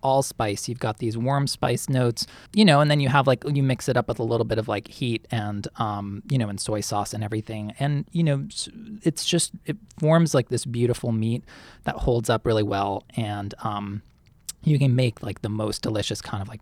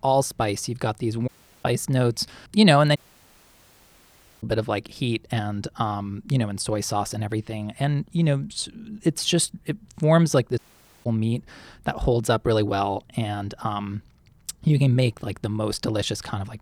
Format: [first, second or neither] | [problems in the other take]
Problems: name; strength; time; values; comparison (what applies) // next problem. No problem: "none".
first | audio cutting out; at 1.5 s, at 3 s for 1.5 s and at 11 s